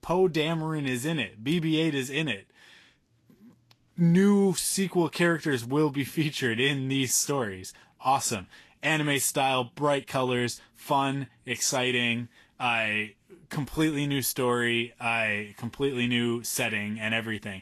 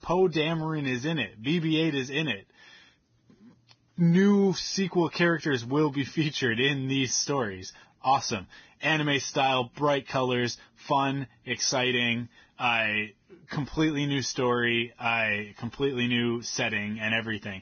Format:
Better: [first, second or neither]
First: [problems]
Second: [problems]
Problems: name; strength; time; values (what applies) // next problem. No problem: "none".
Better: first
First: garbled, watery; slightly; nothing above 12.5 kHz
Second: garbled, watery; badly; nothing above 6.5 kHz